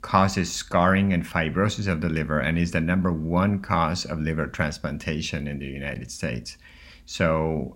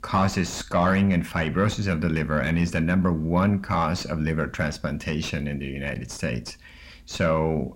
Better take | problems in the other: first | distortion; slight; 10 dB below the speech

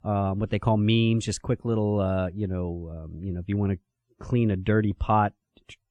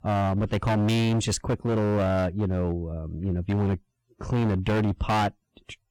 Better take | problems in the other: first | distortion; heavy; 22% of the sound clipped

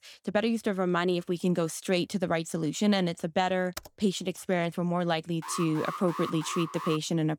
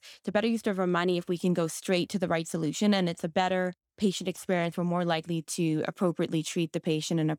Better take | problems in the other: second | keyboard typing; faint; at 4 s; peak 15 dB below the speech // alarm; noticeable; from 5.5 s on; peak 8 dB below the speech

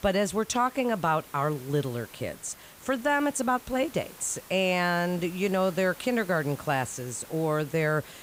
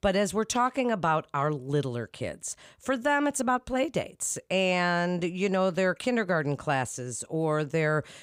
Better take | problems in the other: second | hiss; noticeable; throughout; 20 dB below the speech

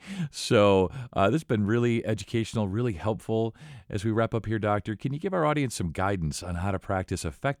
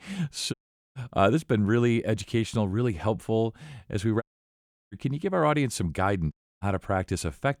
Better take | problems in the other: first | audio cutting out; at 0.5 s, at 4 s for 0.5 s and at 6.5 s

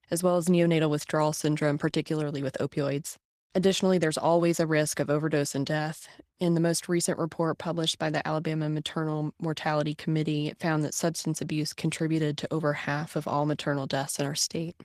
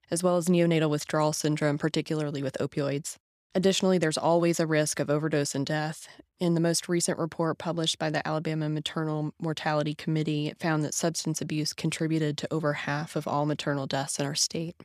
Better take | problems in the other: second | garbled, watery; slightly; nothing above 14.5 kHz

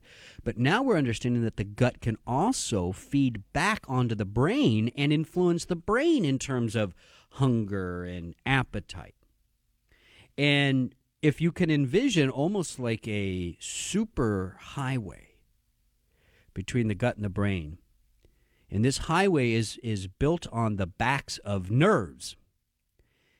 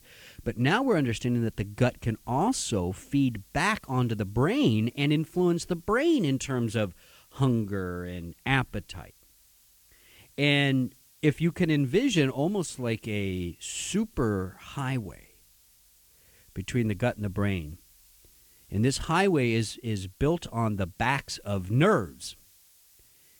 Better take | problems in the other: first | hiss; faint; throughout; 30 dB below the speech

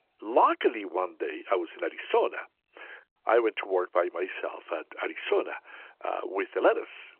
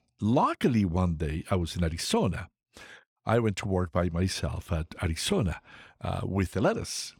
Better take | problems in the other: second | phone-call audio

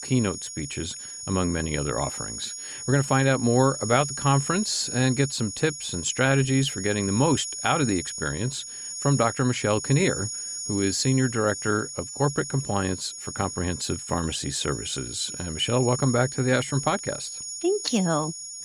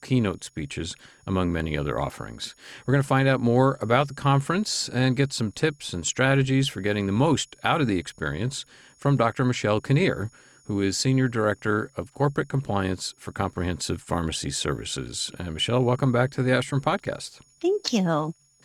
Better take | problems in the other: second | high-pitched whine; loud; throughout; 6.5 kHz, 7 dB below the speech; faint in the second

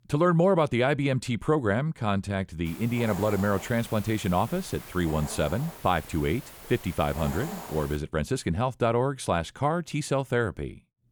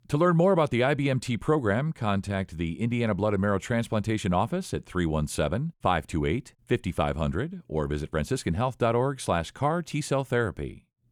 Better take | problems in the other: second | hiss; noticeable; from 2.5 to 8 s; 15 dB below the speech

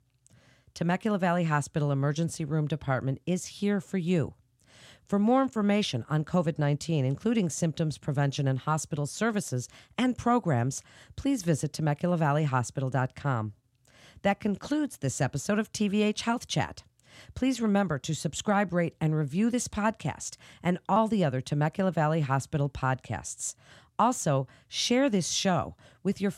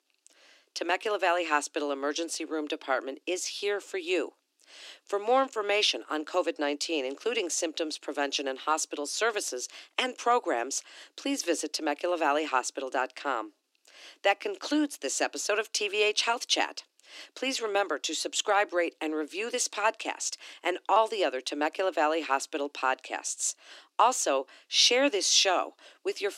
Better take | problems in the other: first | thin; very; fading below 300 Hz

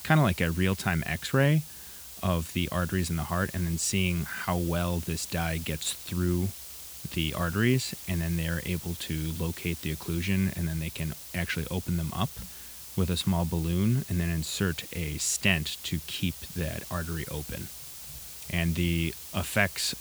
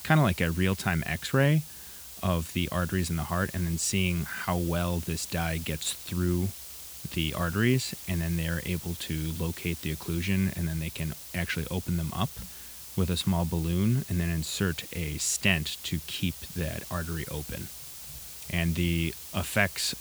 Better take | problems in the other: neither | hiss; noticeable; throughout; 10 dB below the speech; the same in both

